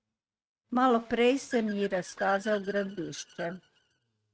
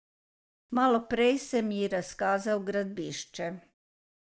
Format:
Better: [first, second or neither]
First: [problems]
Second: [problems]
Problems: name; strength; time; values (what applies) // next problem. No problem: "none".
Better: second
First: noise reduction (neural mask model RNNoise)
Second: none